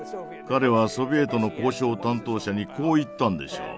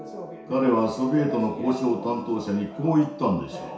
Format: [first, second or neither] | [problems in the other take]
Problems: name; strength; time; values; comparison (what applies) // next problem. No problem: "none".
first | room echo; dies away in 0.6 s